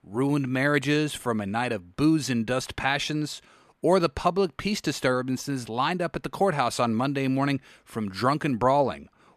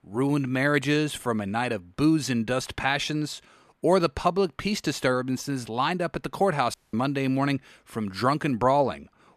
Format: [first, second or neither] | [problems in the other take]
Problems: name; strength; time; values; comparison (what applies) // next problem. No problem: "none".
first | audio cutting out; at 6.5 s